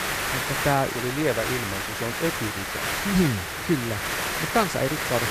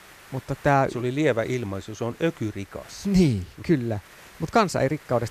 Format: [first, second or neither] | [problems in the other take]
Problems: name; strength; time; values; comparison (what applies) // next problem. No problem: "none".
second | hiss; loud; throughout; as loud as the speech; faint in the second